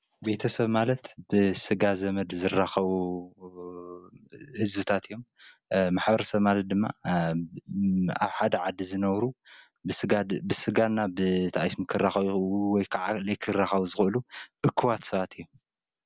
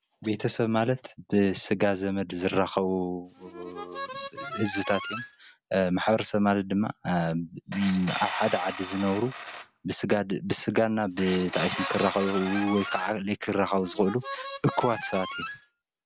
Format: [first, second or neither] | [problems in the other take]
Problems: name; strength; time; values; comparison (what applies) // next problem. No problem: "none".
first | background sound (Harmonica + Tools); 10 dB below the speech